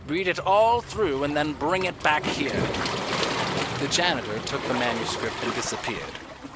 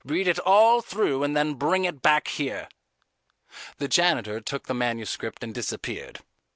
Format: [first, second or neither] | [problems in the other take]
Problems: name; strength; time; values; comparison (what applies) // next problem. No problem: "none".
second | background sound (Waves, surf); 4 dB below the speech